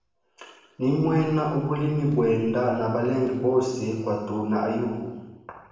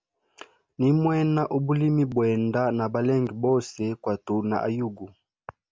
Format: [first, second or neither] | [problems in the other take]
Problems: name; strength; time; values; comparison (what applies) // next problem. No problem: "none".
second | room echo; dies away in 1.1 s